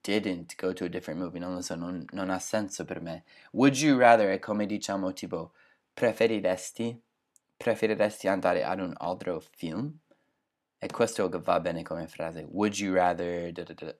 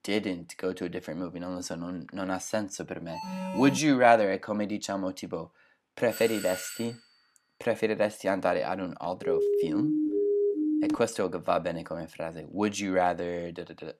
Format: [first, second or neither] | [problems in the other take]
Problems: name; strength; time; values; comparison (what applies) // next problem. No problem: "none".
first | alarm; noticeable; at 3 s; peak 5 dB below the speech // doorbell; noticeable; at 6 s; peak 7 dB below the speech // siren; loud; from 9 to 11 s; peak 3 dB above the speech